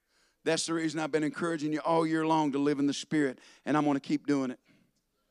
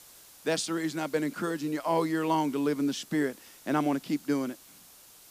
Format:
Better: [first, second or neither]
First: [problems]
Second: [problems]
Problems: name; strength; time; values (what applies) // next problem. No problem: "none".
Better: first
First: none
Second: hiss; faint; throughout; 20 dB below the speech